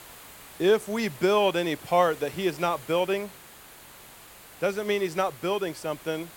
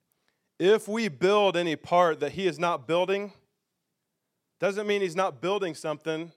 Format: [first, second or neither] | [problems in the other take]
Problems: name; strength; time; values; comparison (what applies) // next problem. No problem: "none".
second | hiss; noticeable; throughout; 20 dB below the speech